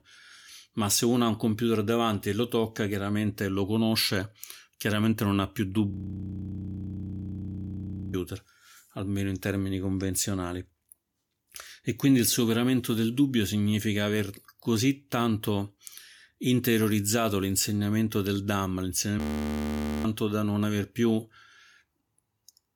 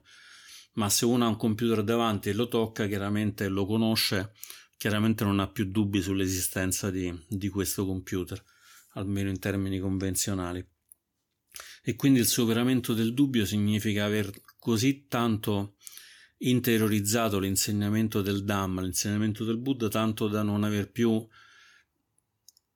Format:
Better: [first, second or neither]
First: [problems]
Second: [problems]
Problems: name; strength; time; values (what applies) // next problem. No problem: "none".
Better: second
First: audio freezing; at 6 s for 2 s and at 19 s for 1 s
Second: none